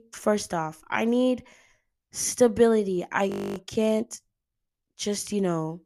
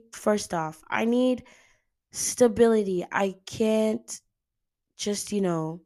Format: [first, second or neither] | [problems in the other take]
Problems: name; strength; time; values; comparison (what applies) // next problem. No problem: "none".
second | audio freezing; at 3.5 s